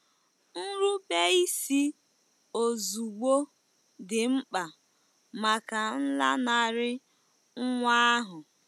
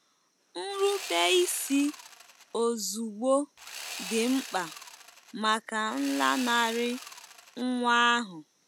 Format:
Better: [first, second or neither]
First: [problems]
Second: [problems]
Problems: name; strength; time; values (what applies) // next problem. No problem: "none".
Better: first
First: none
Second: background sound (Sawing); 13 dB below the speech